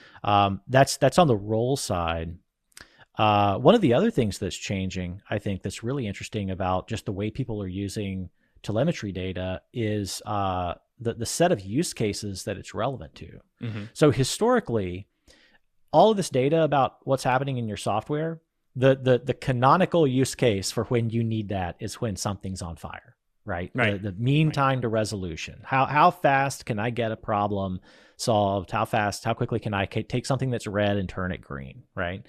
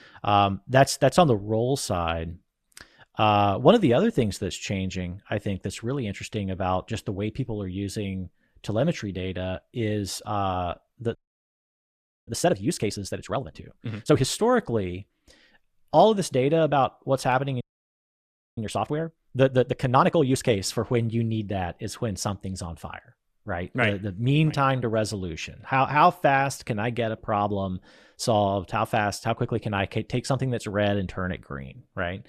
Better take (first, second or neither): first